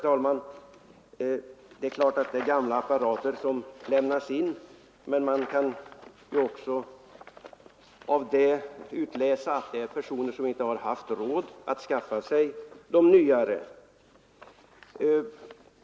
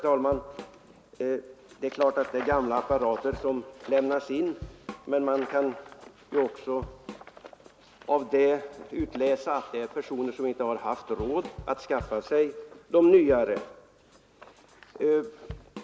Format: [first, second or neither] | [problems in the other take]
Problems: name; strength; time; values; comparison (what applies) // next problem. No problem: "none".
first | background sound (Drum / Drum kit); 19 dB below the speech